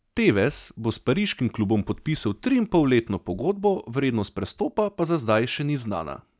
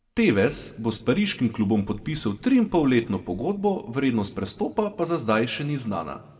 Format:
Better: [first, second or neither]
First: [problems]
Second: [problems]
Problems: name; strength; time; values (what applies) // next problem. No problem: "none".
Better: first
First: none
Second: room echo; dies away in 1.1 s